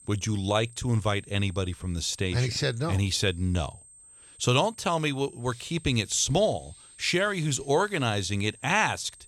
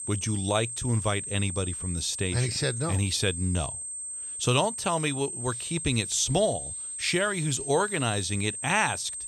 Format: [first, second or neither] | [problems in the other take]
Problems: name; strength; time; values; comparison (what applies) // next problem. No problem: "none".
first | high-pitched whine; loud; throughout; 8.5 kHz, 5 dB below the speech; faint in the first